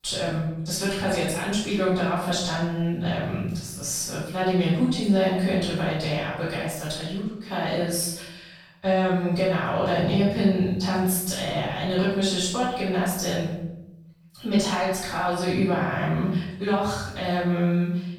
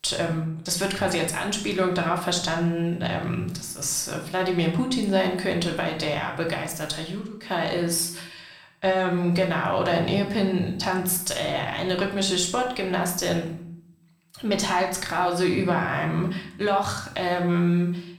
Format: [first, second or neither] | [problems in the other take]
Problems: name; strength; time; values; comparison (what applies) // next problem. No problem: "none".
second | room echo; strong; dies away in 0.9 s; slight in the second // off-mic speech; far; somewhat distant in the second